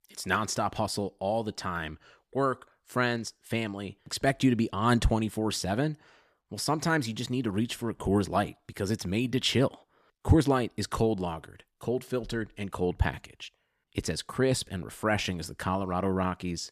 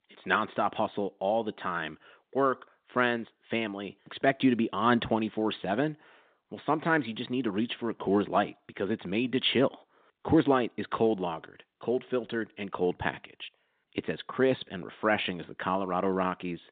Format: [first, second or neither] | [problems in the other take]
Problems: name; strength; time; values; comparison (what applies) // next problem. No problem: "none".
first | phone-call audio; nothing above 3.5 kHz